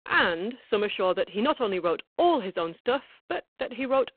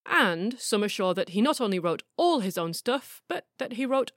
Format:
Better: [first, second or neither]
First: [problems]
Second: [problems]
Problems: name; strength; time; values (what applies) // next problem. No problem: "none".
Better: second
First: phone-call audio; poor line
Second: none